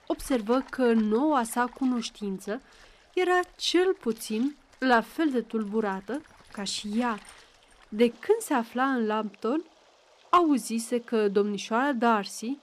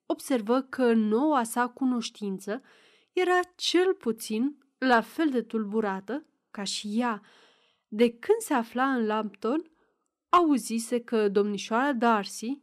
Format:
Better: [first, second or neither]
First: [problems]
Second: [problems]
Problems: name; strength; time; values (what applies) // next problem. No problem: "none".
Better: second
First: rain or running water; faint; throughout; 25 dB below the speech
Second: none